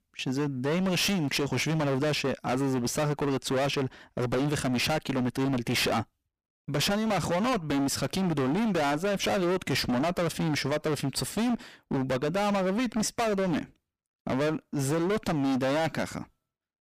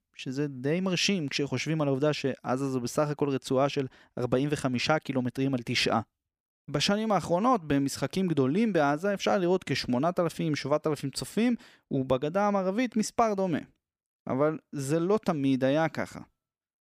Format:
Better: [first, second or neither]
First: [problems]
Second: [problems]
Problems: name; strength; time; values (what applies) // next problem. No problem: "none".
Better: second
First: distortion; heavy; 32% of the sound clipped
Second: none